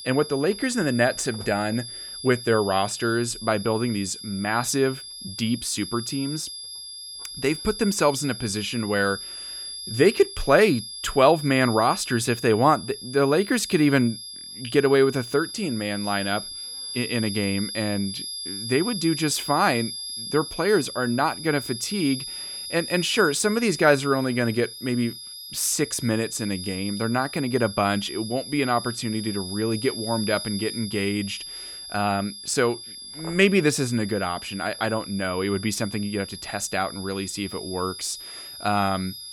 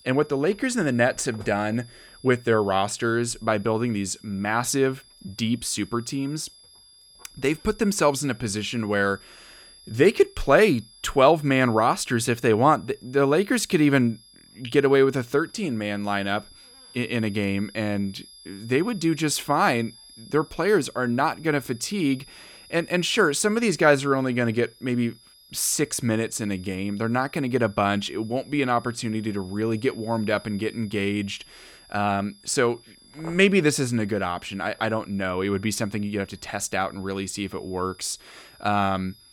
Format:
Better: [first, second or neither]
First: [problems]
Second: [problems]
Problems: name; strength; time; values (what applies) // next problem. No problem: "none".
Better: second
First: high-pitched whine; loud; throughout; 5 kHz, 10 dB below the speech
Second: high-pitched whine; faint; throughout; 5 kHz, 25 dB below the speech